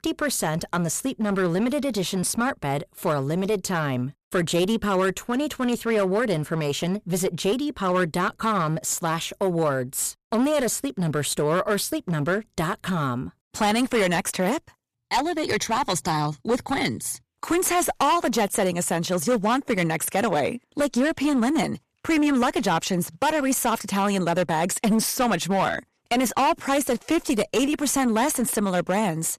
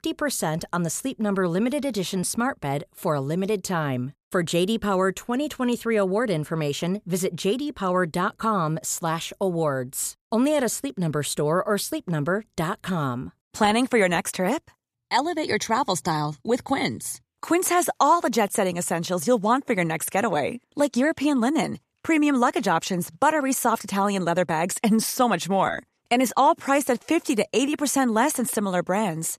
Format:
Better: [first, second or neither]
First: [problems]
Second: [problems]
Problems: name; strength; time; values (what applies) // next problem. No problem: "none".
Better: second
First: distortion; slight; 11% of the sound clipped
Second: none